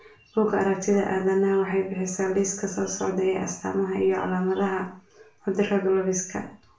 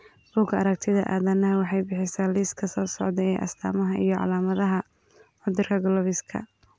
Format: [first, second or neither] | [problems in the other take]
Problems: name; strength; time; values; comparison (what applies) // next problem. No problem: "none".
second | room echo; dies away in 0.4 s